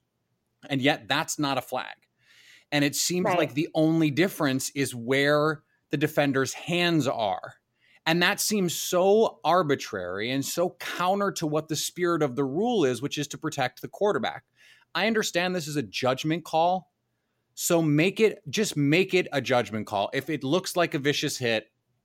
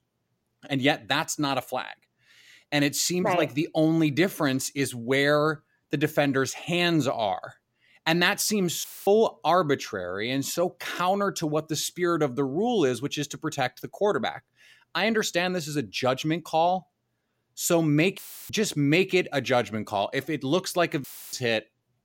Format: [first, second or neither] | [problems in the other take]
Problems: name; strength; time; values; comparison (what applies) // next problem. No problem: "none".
first | audio cutting out; filled with static; at 9 s, at 18 s and at 21 s